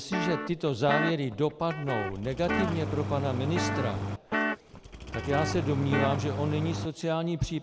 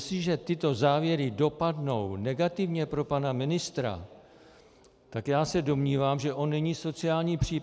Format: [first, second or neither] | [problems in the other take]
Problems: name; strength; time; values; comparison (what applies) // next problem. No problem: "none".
second | background sound (Guitar + Engine starting); 2 dB below the speech